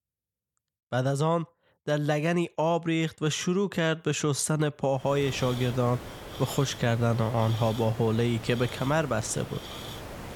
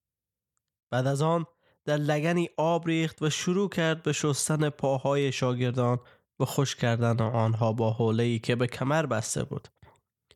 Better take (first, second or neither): second